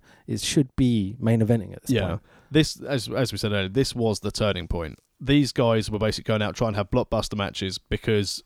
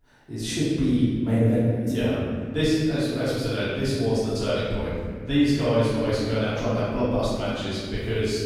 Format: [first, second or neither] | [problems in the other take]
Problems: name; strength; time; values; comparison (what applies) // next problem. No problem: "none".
first | room echo; strong; dies away in 1.8 s // off-mic speech; far